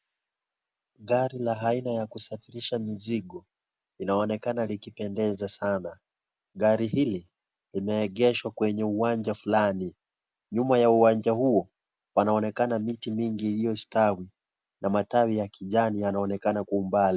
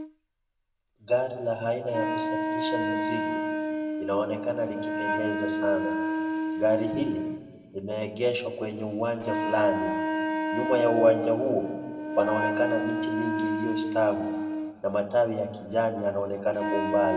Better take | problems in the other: first | background sound (Wind instrument, woodwind instrument); 2 dB below the speech // room echo; dies away in 1.4 s

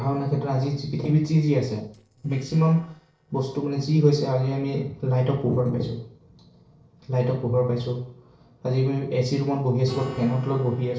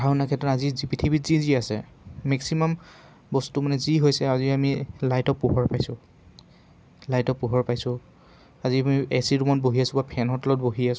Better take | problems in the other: second | noise reduction (neural separator model SepFormer DNS4)

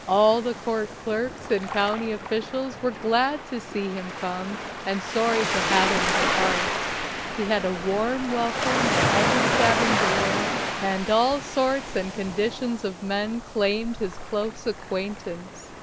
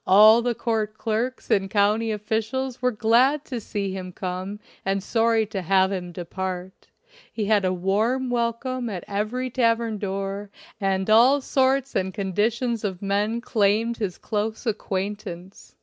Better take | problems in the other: second | background sound (Waves, surf); 2 dB below the speech

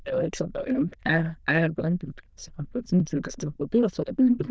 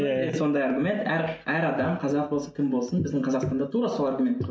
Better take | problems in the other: second | noise reduction (neural diffusion model UNIVERSE++)

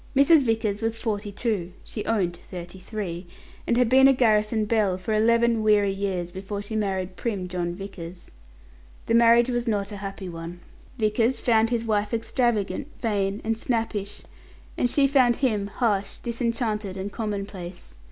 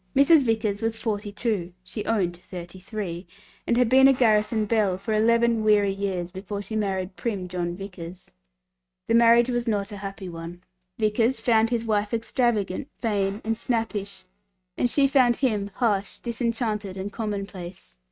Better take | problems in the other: first | noise reduction (neural mask model RNNoise)

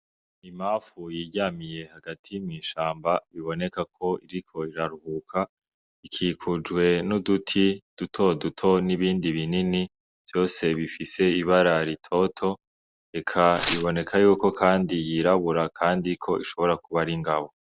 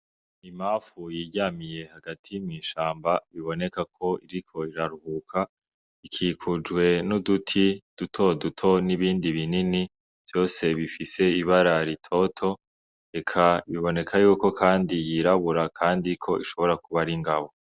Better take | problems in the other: second | background sound (Tearing); 9 dB below the speech

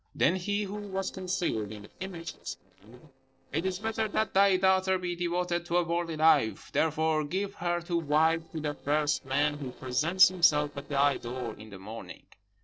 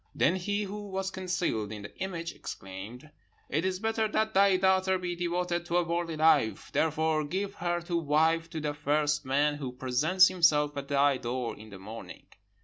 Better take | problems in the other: second | noise reduction (neural separator model SepFormer DNS4)

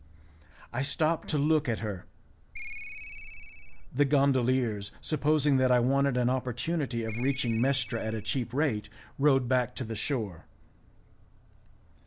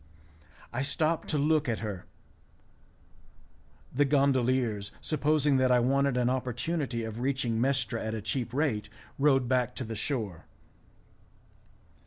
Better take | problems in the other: second | background sound (Ringtone + Chirp, tweet); 10 dB below the speech

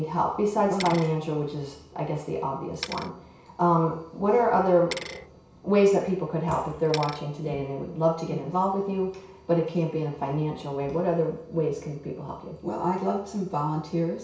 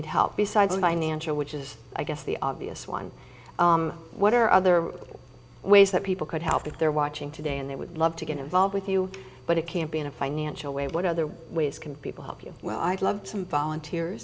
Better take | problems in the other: second | background sound (Bicycle); 17 dB below the speech // room echo; dies away in 0.6 s

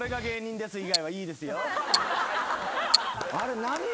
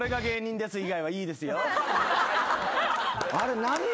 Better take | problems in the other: second | background sound (Tick-tock); 4 dB below the speech

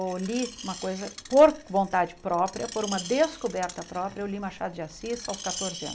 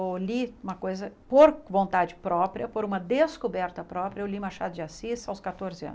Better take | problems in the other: second | background sound (Screech); 14 dB below the speech

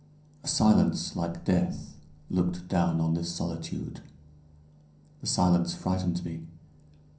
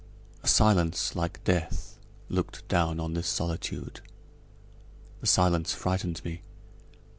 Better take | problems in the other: second | room echo; dies away in 0.6 s

